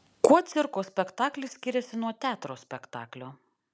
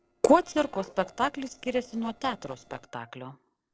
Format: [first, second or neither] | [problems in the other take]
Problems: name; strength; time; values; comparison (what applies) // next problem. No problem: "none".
first | noise reduction (neural separator model SepFormer DNS4)